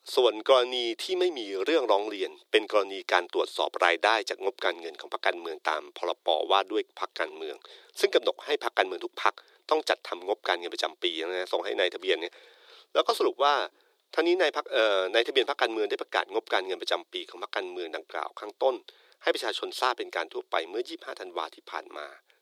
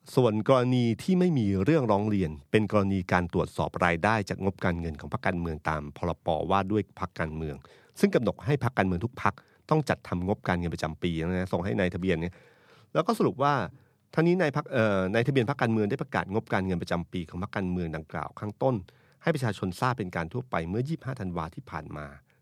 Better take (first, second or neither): second